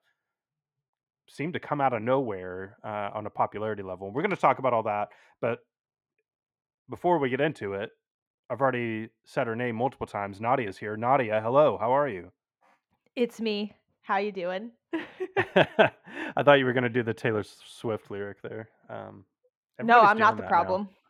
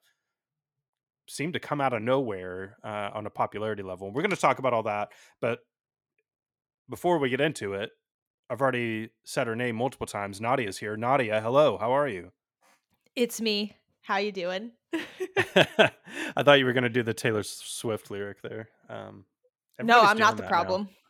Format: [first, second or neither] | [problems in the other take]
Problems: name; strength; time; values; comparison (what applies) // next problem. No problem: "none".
second | muffled; slightly; fading above 3.5 kHz